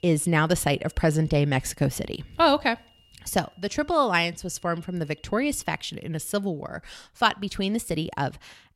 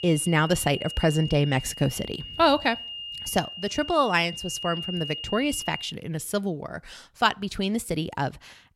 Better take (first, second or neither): first